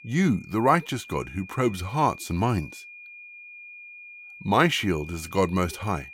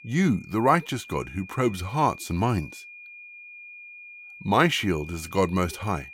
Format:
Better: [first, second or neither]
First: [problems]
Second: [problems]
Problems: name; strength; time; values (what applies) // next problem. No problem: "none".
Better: neither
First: high-pitched whine; noticeable; throughout; 2.5 kHz, 15 dB below the speech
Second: high-pitched whine; noticeable; throughout; 2.5 kHz, 15 dB below the speech